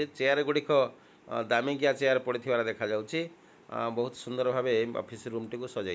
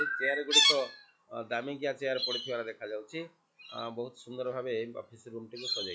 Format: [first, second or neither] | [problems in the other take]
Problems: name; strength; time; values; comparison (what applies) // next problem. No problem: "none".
first | noise reduction (classical method log-MMSE)